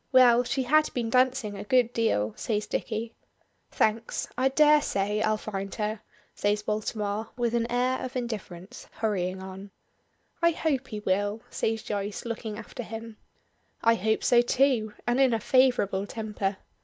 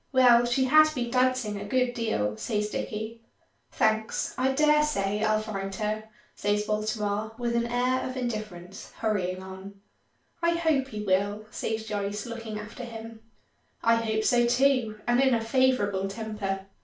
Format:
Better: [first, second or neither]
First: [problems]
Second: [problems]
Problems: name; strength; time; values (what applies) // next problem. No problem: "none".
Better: first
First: none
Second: room echo; dies away in 0.3 s